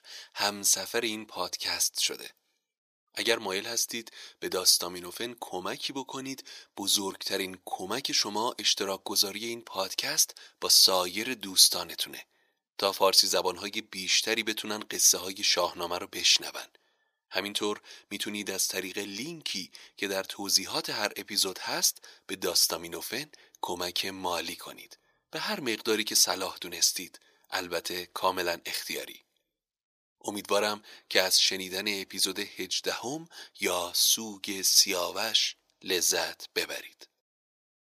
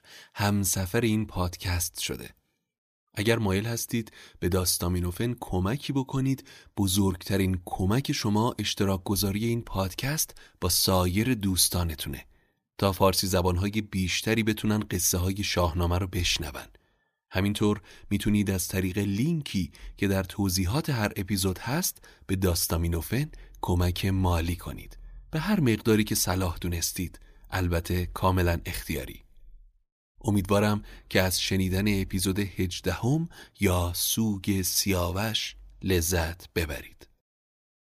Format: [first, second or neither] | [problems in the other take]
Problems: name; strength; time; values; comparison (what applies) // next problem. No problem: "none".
second | thin; very; fading below 500 Hz